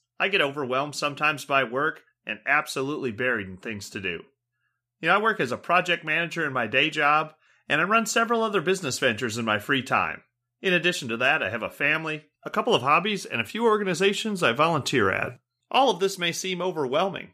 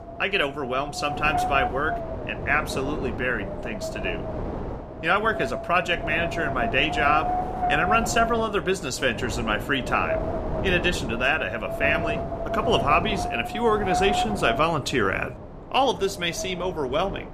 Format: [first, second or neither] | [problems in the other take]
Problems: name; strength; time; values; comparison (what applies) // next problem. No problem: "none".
first | wind noise on the microphone; heavy; 6 dB below the speech